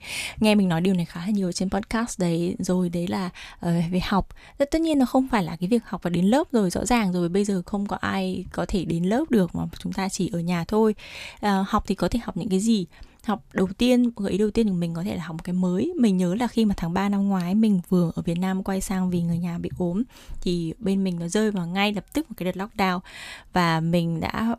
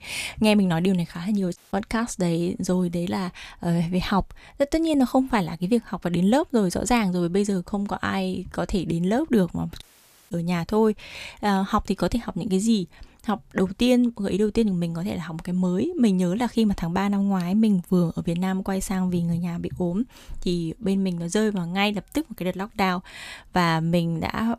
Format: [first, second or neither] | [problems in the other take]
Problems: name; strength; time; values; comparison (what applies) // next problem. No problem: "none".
first | audio cutting out; at 1.5 s and at 10 s